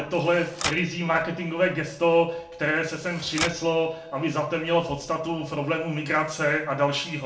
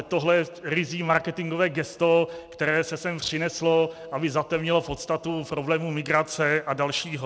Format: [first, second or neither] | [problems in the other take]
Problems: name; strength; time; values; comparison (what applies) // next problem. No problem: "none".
second | background sound (Typewriter); 13 dB below the speech // room echo; dies away in 0.4 s